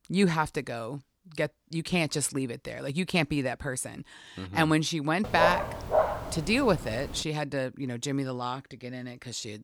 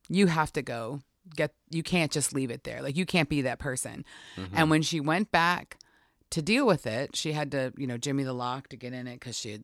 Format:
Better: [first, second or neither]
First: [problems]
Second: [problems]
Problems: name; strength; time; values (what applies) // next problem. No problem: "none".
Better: second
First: dog barking; loud; from 5 to 7 s; peak 3 dB above the speech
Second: none